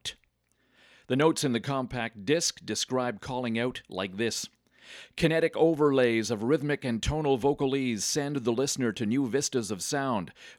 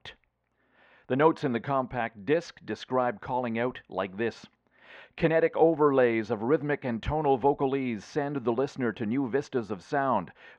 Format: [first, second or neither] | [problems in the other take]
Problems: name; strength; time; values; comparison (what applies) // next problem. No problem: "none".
first | muffled; very; fading above 2 kHz